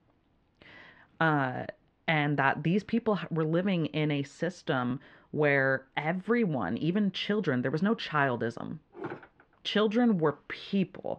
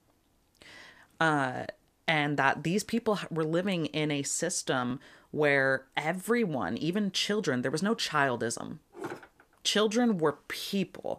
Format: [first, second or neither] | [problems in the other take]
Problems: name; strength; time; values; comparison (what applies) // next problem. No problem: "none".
second | muffled; slightly; fading above 3 kHz